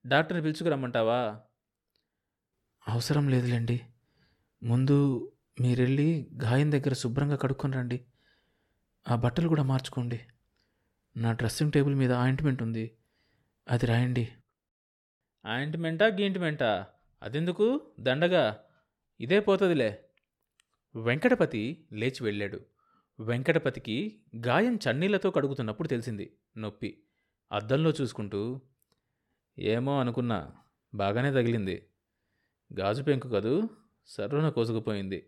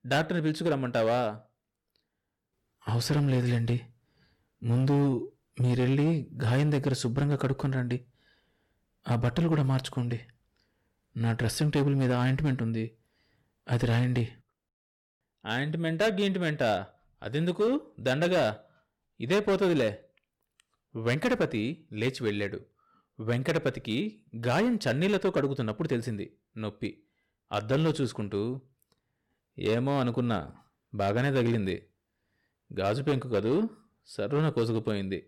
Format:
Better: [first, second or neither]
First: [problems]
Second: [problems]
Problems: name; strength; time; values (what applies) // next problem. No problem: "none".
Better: first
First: none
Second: distortion; slight; 6% of the sound clipped